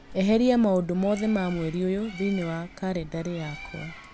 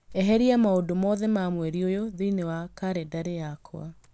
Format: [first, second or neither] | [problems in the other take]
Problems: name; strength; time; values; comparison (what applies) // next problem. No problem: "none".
second | background sound (Bird); 17 dB below the speech